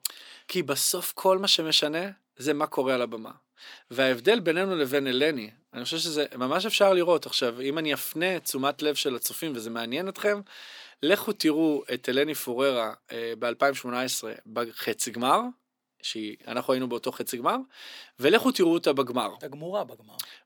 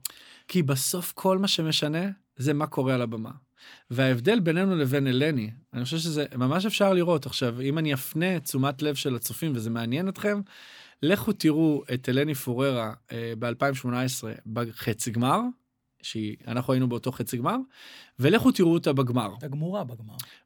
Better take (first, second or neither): second